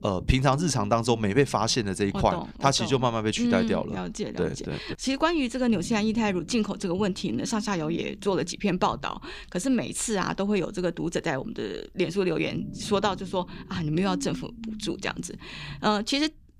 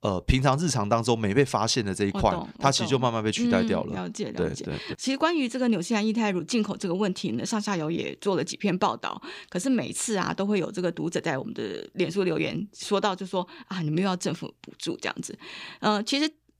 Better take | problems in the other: second | low rumble; noticeable; throughout; 20 dB below the speech

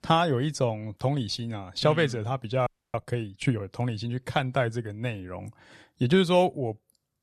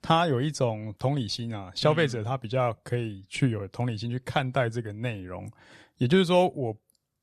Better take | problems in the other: second | audio freezing; at 2.5 s

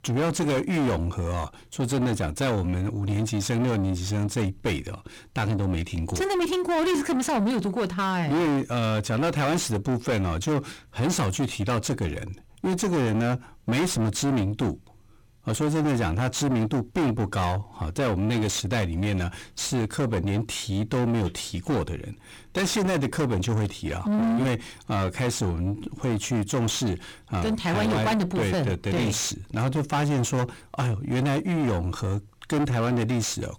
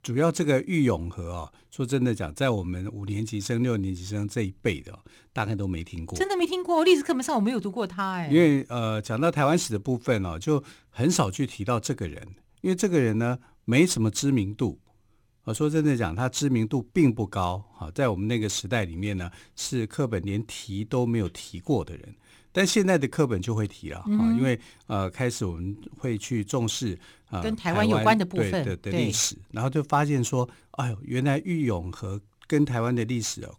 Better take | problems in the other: second | distortion; heavy; 6 dB below the speech

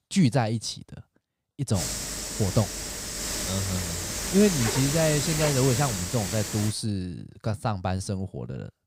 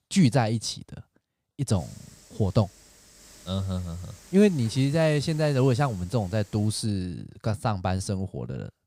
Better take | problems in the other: second | hiss; loud; from 2 to 6.5 s; 2 dB below the speech; faint in the second

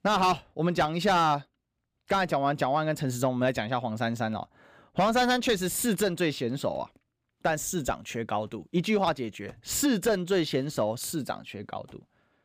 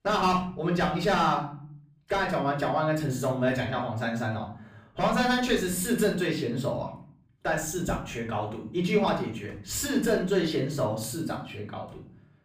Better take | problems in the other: first | off-mic speech; far // room echo; slight; dies away in 0.5 s

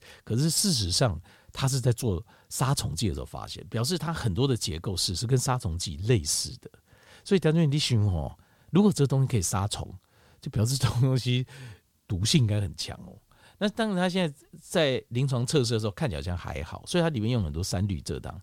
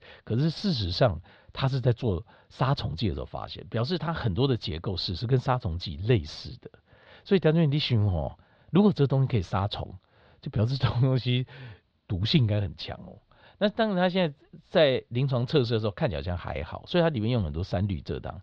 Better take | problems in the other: first | muffled; slightly; fading above 4 kHz

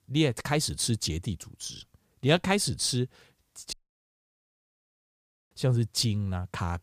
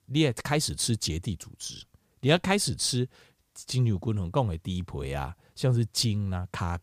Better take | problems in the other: second | audio cutting out; at 3.5 s for 2 s

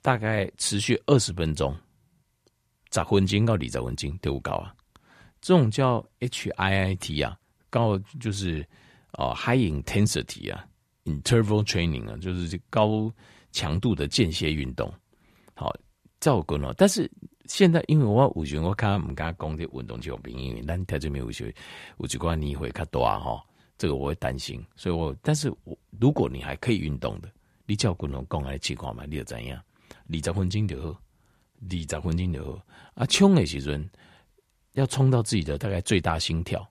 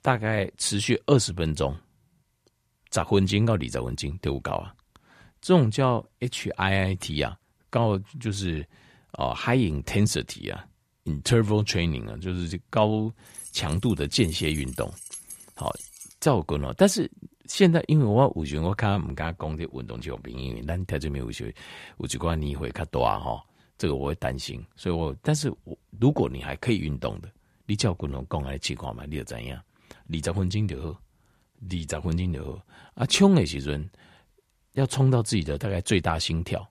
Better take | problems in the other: first | jangling keys; faint; from 13 to 16 s; peak 10 dB below the speech

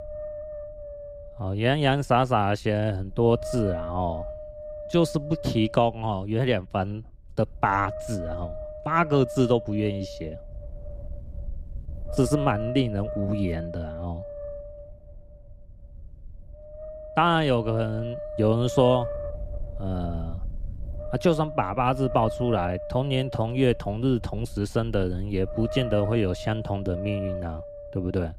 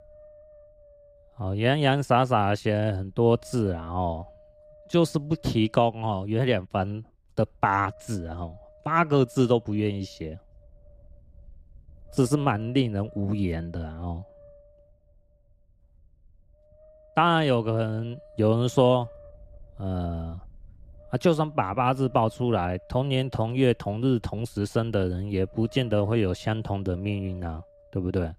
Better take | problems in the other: second | wind noise on the microphone; heavy; 9 dB below the speech; occasional gusts in the second

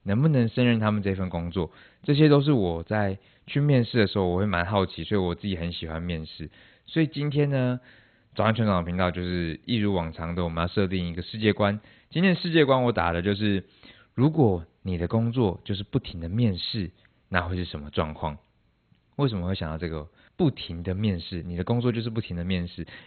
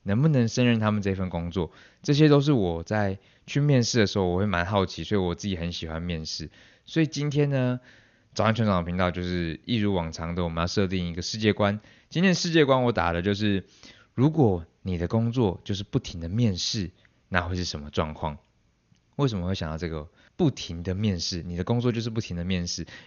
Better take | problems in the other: second | garbled, watery; badly; nothing above 4 kHz; slightly in the second

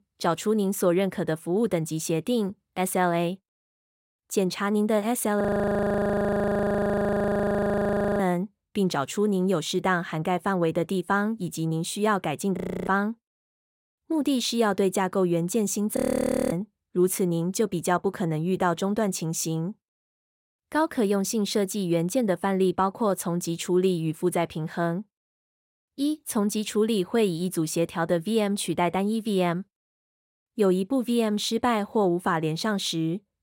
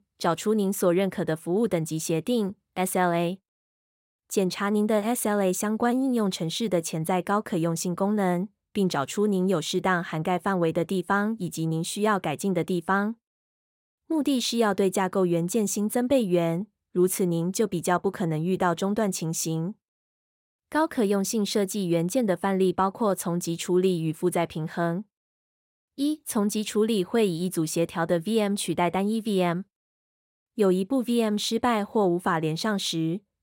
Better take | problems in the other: second | audio freezing; at 5.5 s for 3 s, at 13 s and at 16 s for 0.5 s

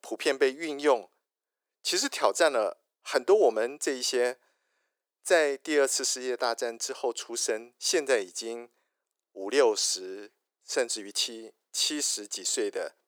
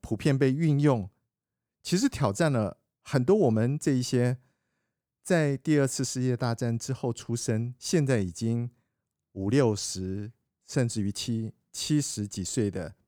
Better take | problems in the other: second | thin; very; fading below 400 Hz

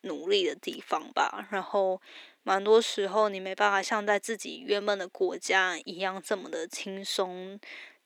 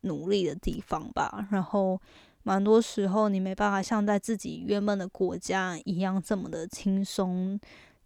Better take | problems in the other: second | thin; very; fading below 300 Hz

